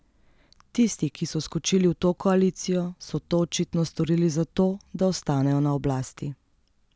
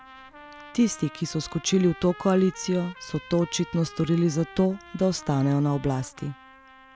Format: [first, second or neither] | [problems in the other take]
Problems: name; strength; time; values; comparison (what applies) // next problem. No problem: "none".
first | background sound (Trumpet); 20 dB below the speech